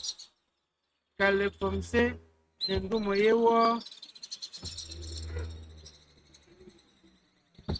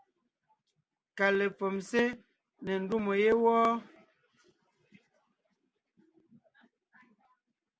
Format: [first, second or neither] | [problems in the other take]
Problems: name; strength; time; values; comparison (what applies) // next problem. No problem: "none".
second | noise reduction (neural mask model RNNoise)